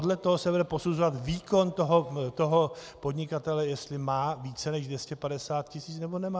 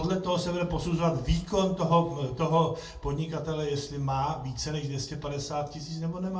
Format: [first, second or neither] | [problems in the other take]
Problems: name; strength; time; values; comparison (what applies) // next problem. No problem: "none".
first | room echo; dies away in 0.3 s